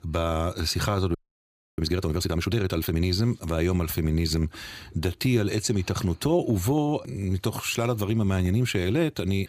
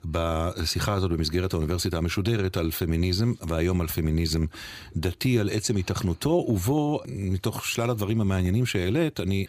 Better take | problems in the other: second | audio freezing; at 1 s for 0.5 s

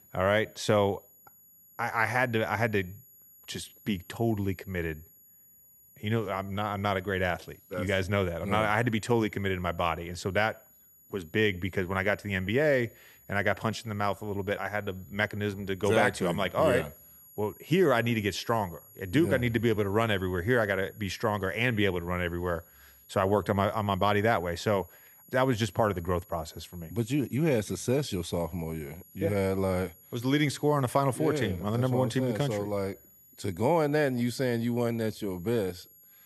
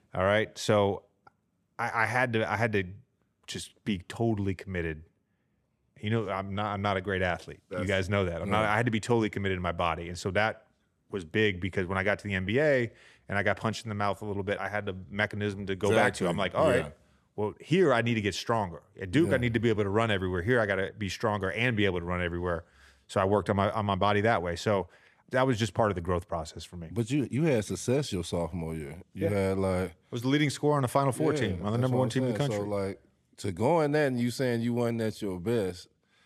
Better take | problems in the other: second | high-pitched whine; faint; throughout; 11.5 kHz, 25 dB below the speech

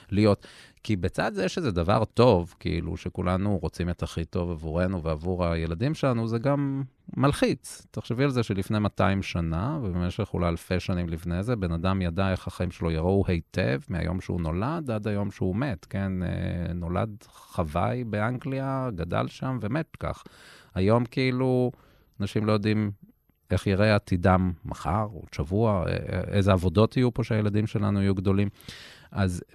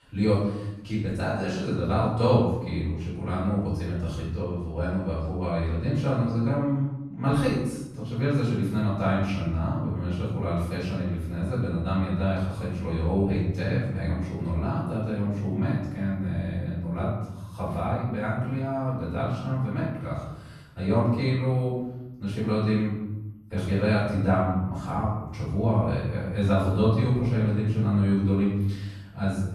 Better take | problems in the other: first | off-mic speech; far // room echo; strong; dies away in 0.9 s

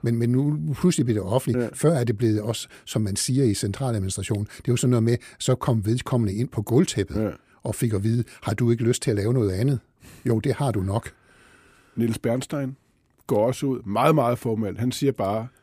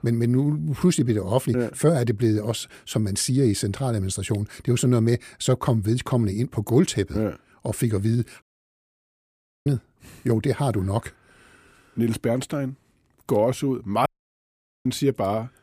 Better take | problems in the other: first | audio cutting out; at 8.5 s for 1 s and at 14 s for 1 s

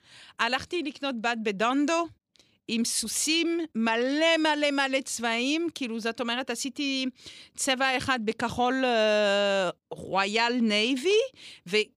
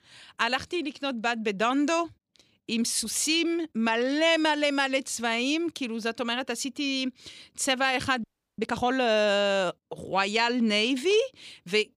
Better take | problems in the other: first | audio freezing; at 8 s

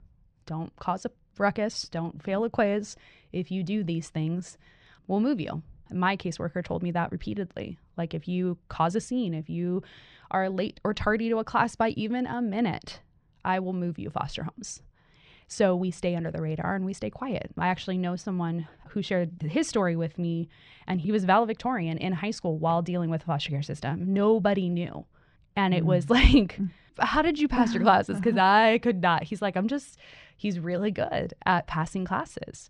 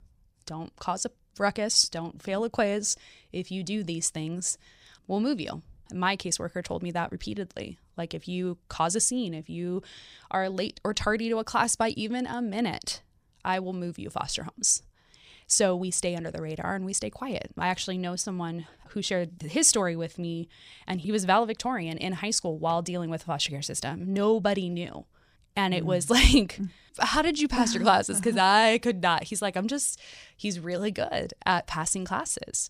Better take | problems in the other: second | muffled; slightly; fading above 2.5 kHz

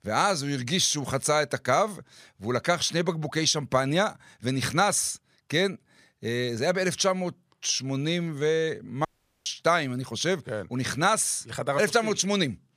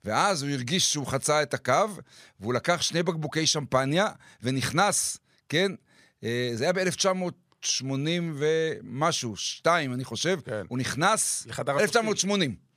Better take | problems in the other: second | audio cutting out; at 9 s

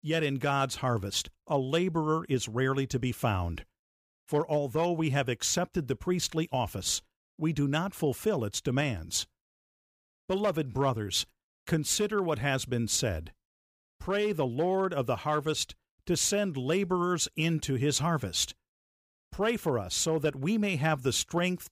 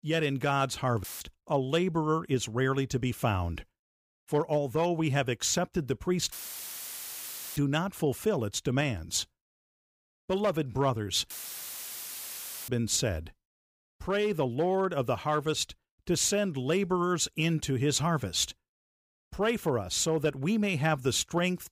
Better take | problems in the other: first | audio cutting out; filled with static; at 1 s, at 6.5 s for 1.5 s and at 11 s for 1.5 s

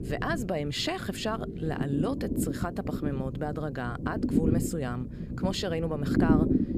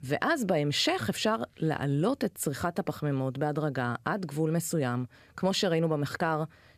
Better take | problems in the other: second | low rumble; loud; throughout; 2 dB below the speech

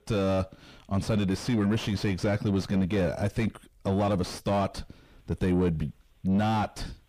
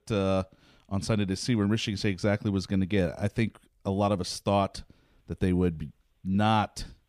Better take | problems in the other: second | distortion; heavy; 6 dB below the speech

